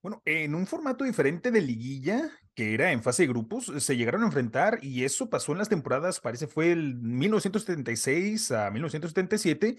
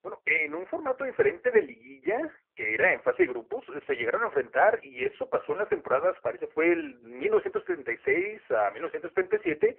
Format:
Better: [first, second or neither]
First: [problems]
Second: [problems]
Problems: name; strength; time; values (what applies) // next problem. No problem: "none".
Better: first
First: none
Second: phone-call audio; poor line